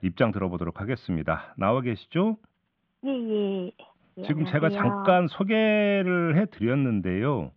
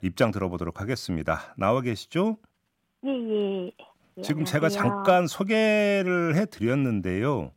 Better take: second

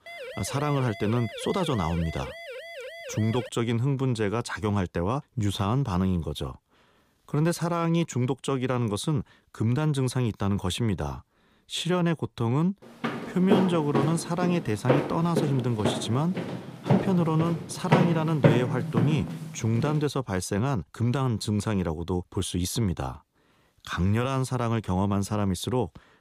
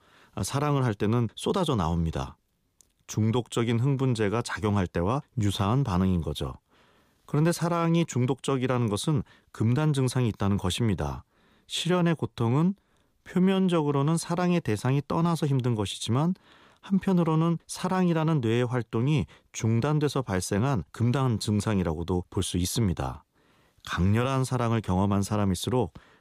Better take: second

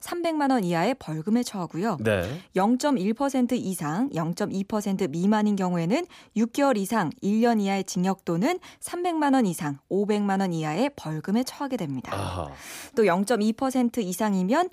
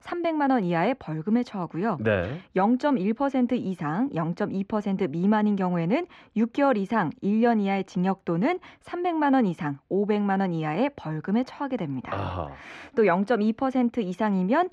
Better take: first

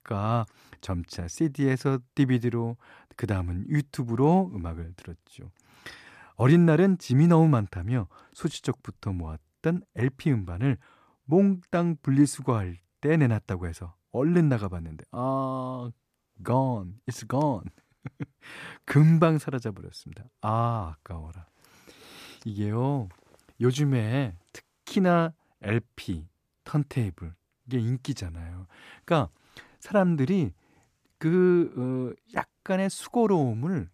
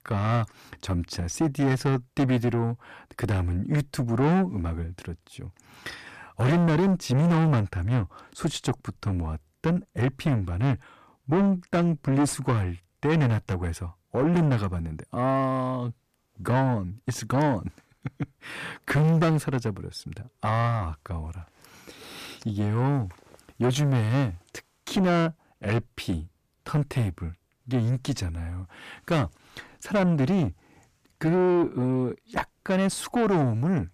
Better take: first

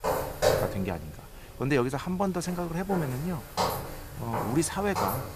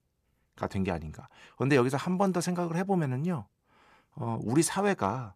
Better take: second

